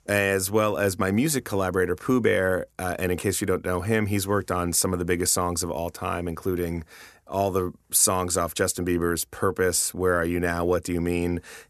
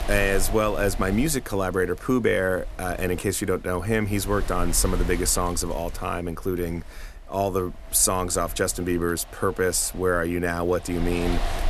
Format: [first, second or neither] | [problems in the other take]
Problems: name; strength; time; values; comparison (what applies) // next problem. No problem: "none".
first | wind noise on the microphone; occasional gusts; 15 dB below the speech